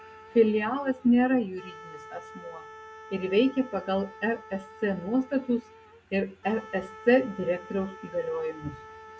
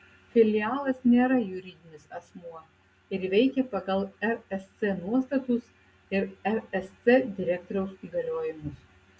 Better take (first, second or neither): second